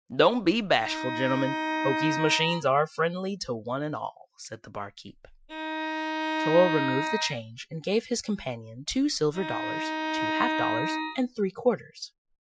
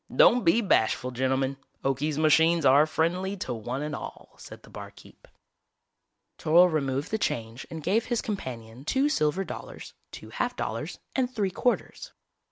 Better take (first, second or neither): second